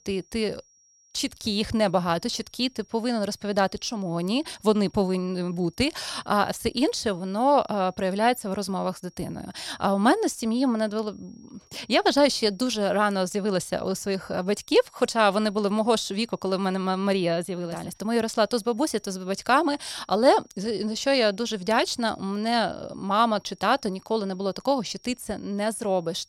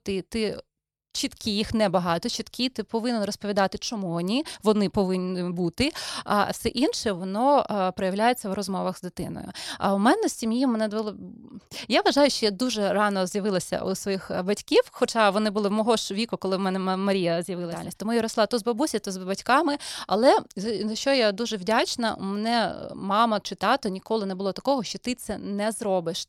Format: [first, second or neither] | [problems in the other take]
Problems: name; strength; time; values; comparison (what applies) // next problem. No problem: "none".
second | high-pitched whine; faint; throughout; 5.5 kHz, 30 dB below the speech